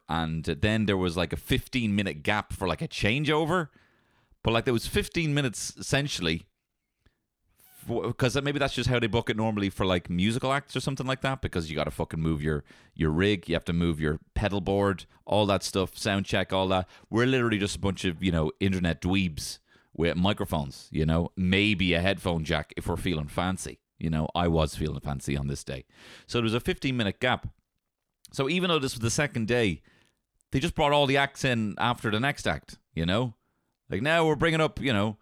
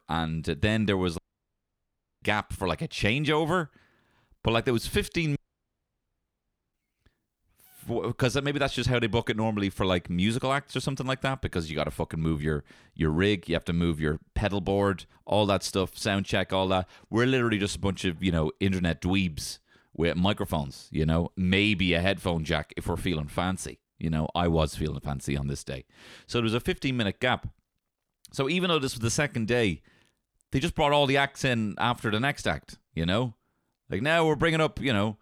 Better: first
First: none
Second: audio cutting out; at 1 s for 1 s and at 5.5 s for 1.5 s

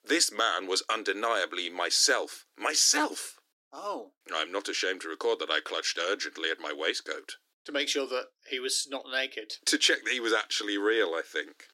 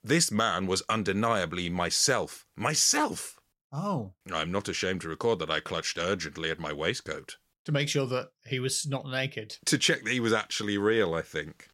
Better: second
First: thin; somewhat; fading below 300 Hz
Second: none

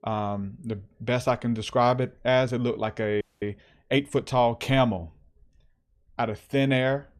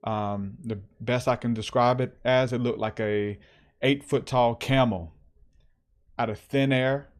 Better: second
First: audio freezing; at 3 s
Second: none

